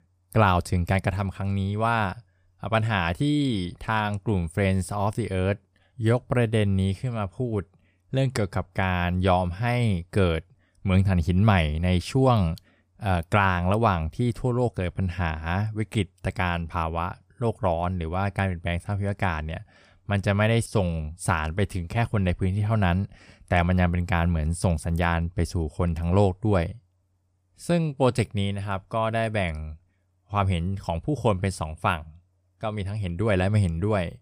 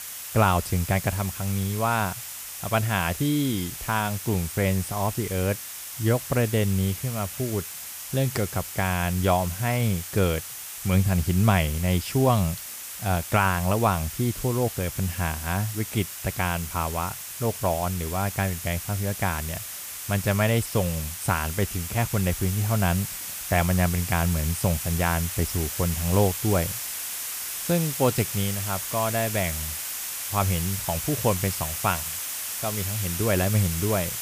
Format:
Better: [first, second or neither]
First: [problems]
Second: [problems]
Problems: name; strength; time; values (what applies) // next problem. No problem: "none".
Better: first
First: none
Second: hiss; loud; throughout; 6 dB below the speech